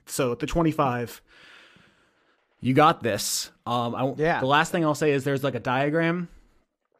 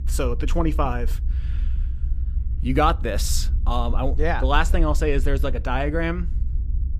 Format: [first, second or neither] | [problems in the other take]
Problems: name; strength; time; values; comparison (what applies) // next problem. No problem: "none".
first | low rumble; faint; throughout; 20 dB below the speech